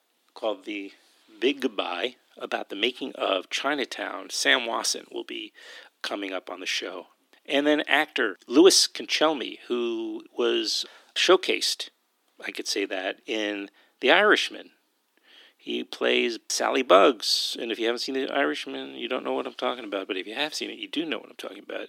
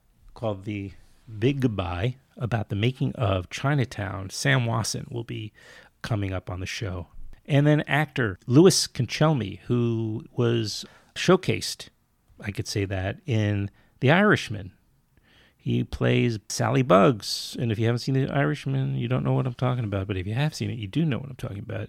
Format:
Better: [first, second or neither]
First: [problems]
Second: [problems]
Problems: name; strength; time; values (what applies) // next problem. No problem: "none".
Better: second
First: thin; somewhat; fading below 300 Hz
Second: none